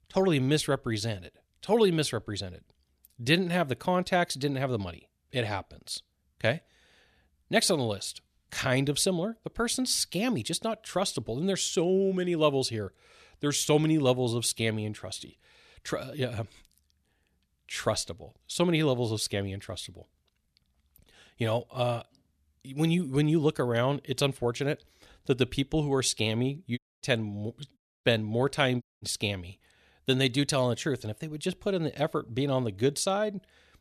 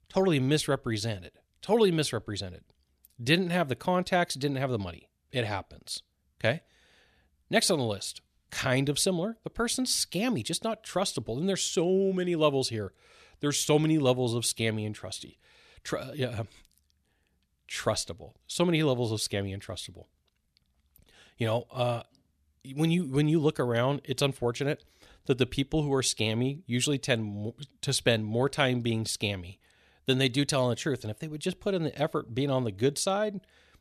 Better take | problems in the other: second | audio cutting out; at 27 s, at 28 s and at 29 s

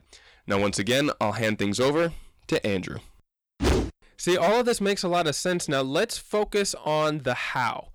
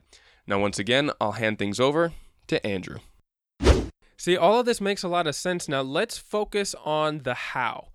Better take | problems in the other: second | distortion; heavy; 8% of the sound clipped

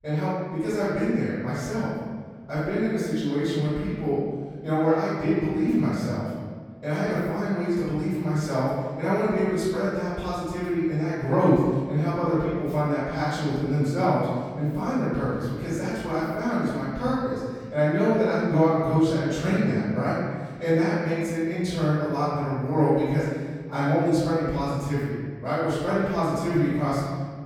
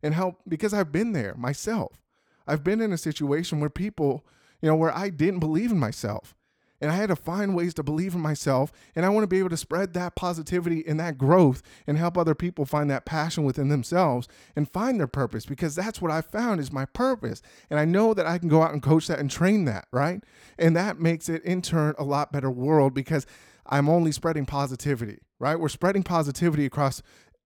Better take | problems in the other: second | off-mic speech; far // room echo; strong; dies away in 1.5 s

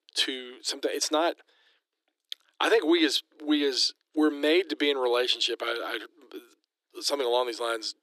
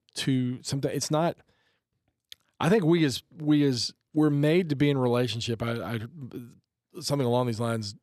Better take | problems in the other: second | thin; somewhat; fading below 300 Hz

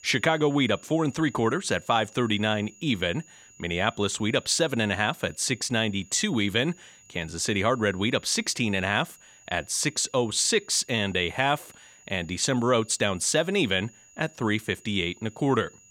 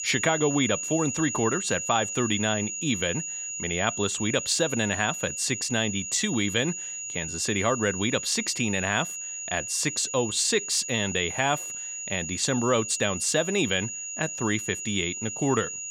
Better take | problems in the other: first | high-pitched whine; loud; throughout; 7 kHz, 5 dB below the speech; faint in the first

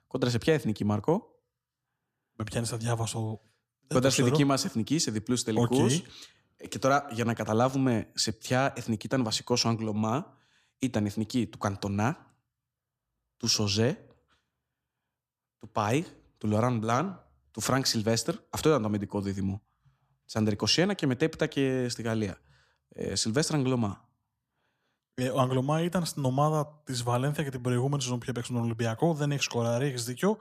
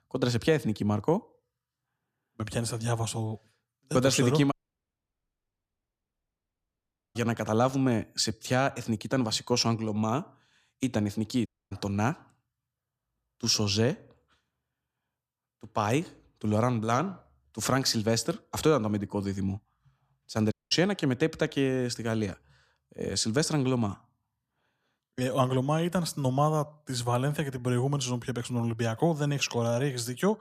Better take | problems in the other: first | audio cutting out; at 4.5 s for 2.5 s, at 11 s and at 21 s

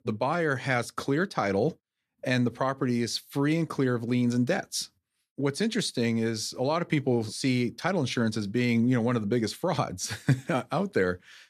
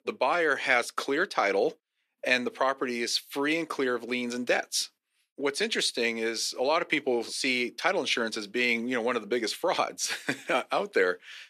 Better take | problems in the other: first | thin; somewhat; fading below 350 Hz

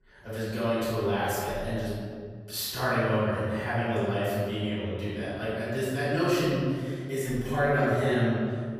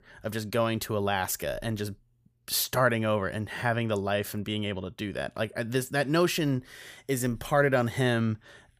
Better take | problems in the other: second | off-mic speech; far // room echo; strong; dies away in 1.8 s

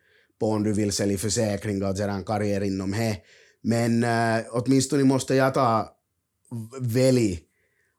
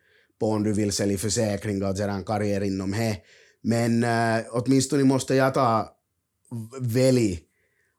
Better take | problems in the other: neither | none

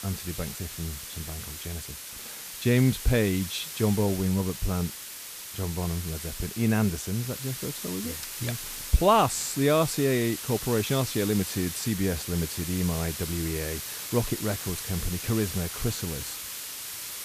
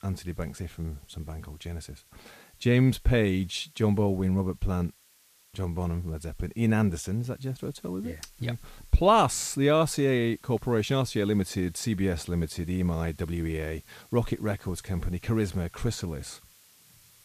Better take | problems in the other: second | hiss; loud; throughout; 7 dB below the speech; faint in the second

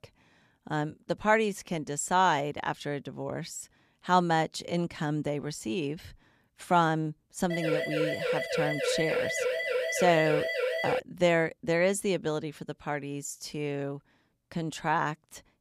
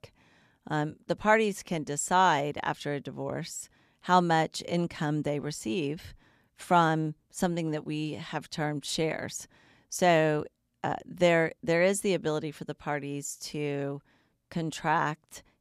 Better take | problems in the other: second | siren; loud; from 7.5 to 11 s; peak 1 dB above the speech

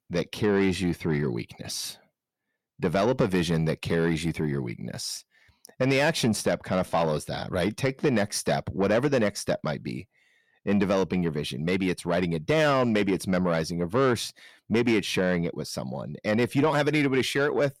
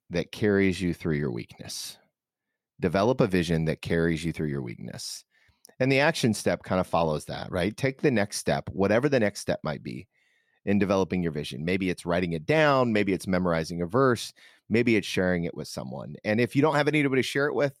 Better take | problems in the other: second | distortion; slight; 10 dB below the speech

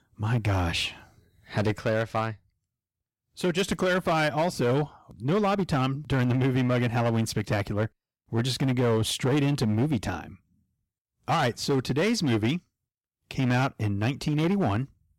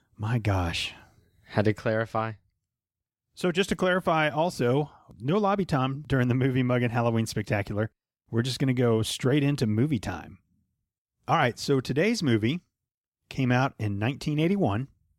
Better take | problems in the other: second | distortion; slight; 11% of the sound clipped

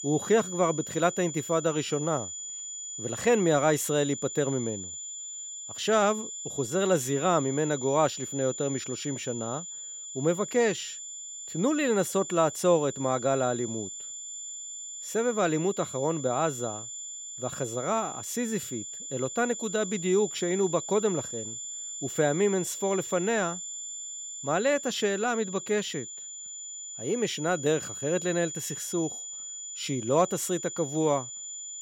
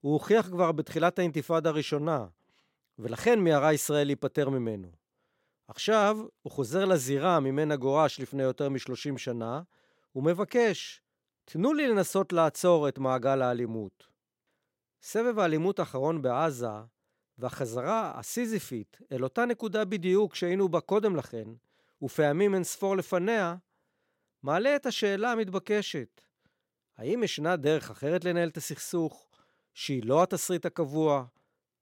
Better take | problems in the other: second | high-pitched whine; loud; throughout; 7 kHz, 8 dB below the speech

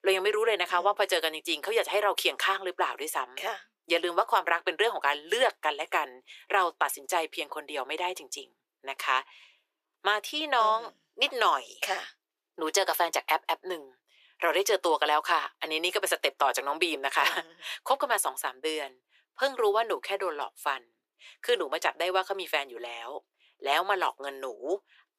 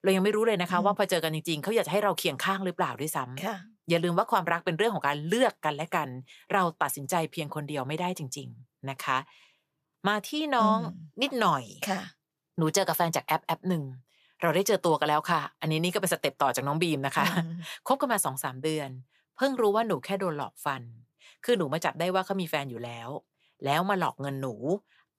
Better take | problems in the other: second | thin; very; fading below 350 Hz

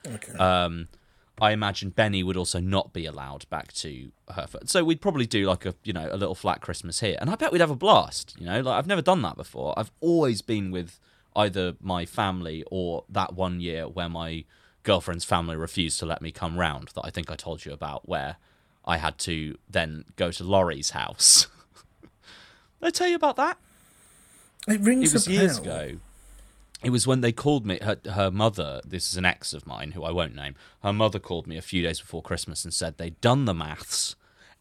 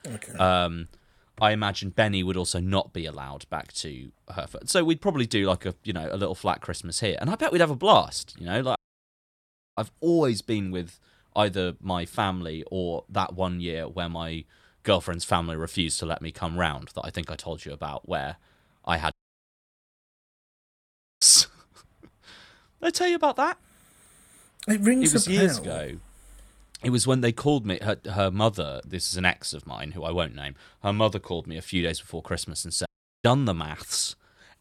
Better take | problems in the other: first | audio cutting out; at 9 s for 1 s, at 19 s for 2 s and at 33 s

